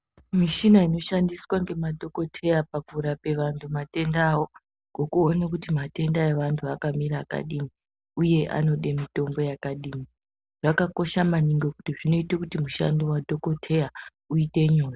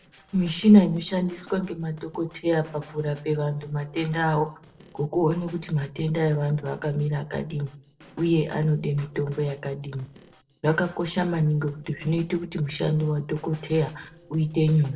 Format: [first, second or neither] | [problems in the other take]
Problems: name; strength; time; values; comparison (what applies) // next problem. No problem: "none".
first | noise reduction (neural separator model SepFormer DNS4)